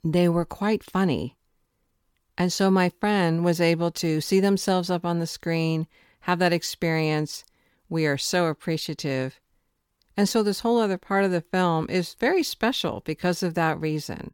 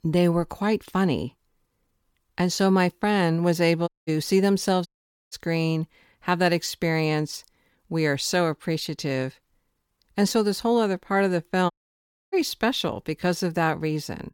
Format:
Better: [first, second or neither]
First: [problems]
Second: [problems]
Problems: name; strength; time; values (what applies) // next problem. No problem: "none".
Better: first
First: none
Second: audio cutting out; at 4 s, at 5 s and at 12 s for 0.5 s